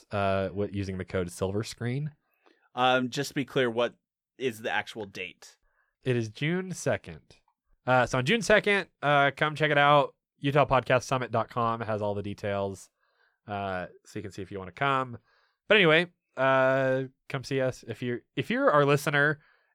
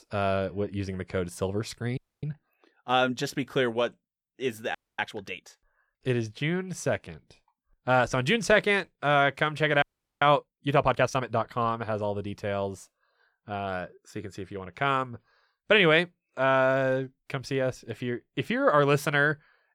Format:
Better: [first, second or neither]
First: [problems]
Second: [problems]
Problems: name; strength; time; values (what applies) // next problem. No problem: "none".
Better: first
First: none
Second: audio freezing; at 2 s, at 5 s and at 10 s